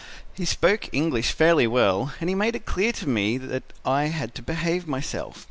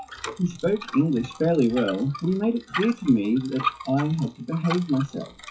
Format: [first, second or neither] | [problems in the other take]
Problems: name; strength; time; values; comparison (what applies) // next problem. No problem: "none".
first | noise reduction (classical method WPE with log-MMSE)